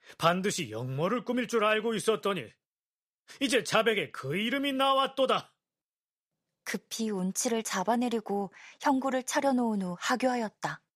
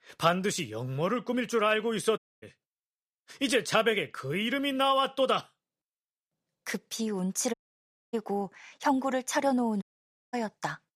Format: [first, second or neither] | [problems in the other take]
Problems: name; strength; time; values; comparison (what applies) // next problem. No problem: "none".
first | audio cutting out; at 2 s, at 7.5 s for 0.5 s and at 10 s for 0.5 s